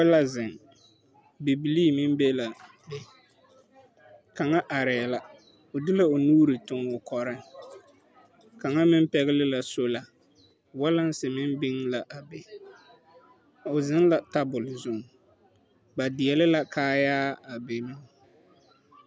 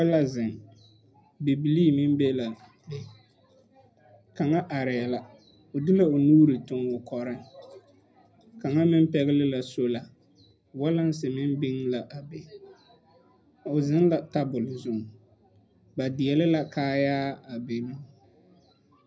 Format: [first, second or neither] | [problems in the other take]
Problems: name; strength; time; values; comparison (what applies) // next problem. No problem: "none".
first | room echo; dies away in 0.4 s